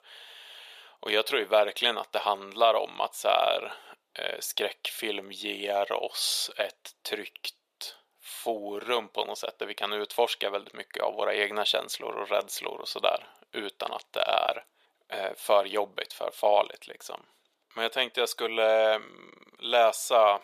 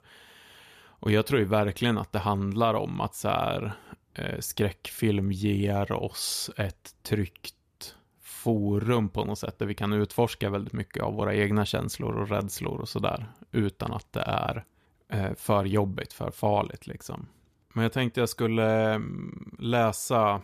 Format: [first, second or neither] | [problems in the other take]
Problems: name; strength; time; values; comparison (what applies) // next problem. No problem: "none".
second | thin; very; fading below 450 Hz